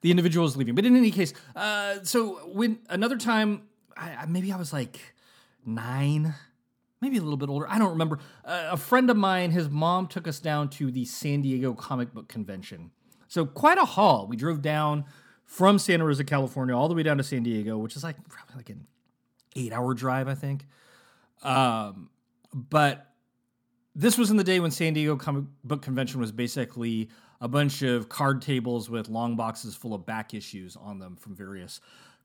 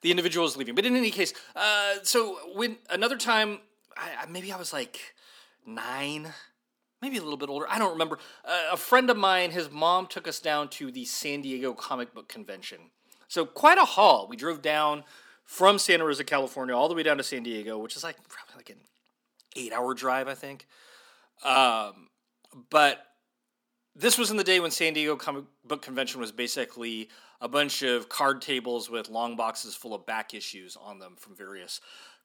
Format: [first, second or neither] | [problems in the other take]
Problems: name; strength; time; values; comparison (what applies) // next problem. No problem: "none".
first | thin; somewhat; fading below 350 Hz